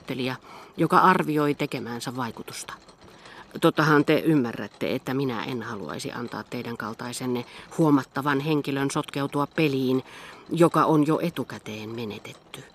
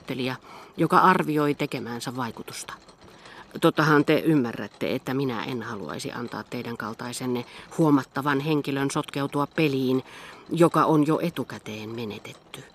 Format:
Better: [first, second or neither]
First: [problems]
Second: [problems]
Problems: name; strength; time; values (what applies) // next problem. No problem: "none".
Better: neither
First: machinery noise; faint; throughout; 25 dB below the speech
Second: machinery noise; faint; throughout; 25 dB below the speech